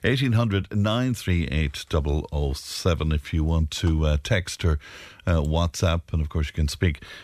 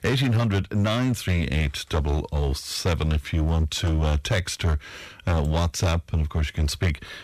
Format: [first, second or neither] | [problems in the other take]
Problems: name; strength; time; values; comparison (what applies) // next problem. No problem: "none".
first | distortion; slight; 12% of the sound clipped